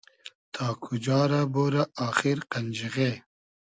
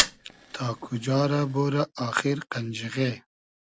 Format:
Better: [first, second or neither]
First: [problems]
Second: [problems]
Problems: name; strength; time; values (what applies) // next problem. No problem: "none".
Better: first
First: none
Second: background sound (Fire); 8 dB below the speech